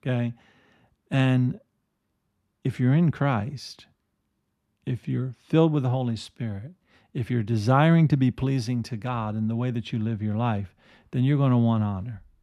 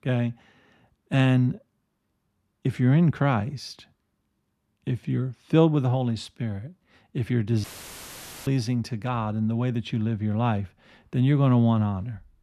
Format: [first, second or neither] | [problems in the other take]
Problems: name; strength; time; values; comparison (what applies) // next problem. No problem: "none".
first | audio cutting out; filled with static; at 7.5 s for 1 s